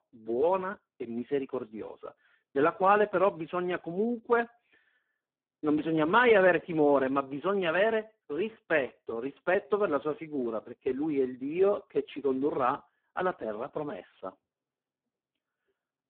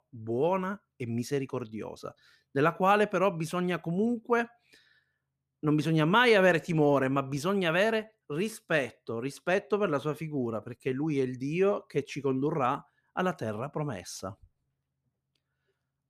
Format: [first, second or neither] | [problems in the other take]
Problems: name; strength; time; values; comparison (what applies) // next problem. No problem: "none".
second | phone-call audio; poor line